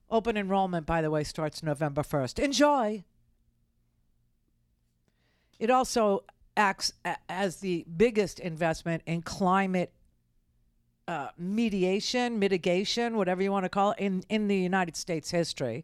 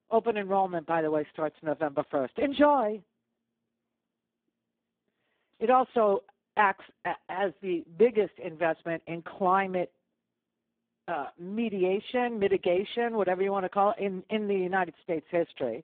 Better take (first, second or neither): first